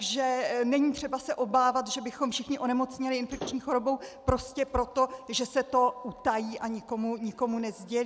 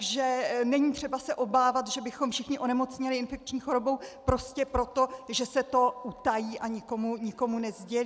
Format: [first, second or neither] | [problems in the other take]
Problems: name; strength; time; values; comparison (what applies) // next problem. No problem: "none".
second | background sound (Slam / Wood); 11 dB below the speech